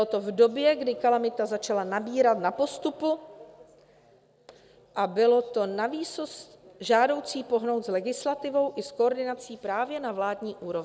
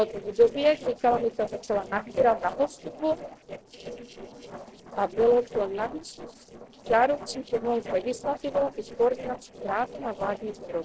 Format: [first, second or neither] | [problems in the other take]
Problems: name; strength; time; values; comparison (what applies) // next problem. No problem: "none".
first | noise reduction (neural separator model SepFormer DNS4)